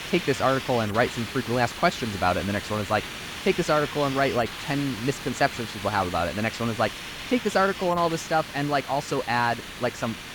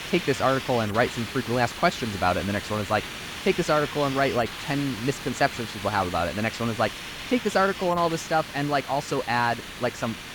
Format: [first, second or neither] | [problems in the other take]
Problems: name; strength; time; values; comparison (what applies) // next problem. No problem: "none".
neither | hiss; loud; throughout; 9 dB below the speech; the same in both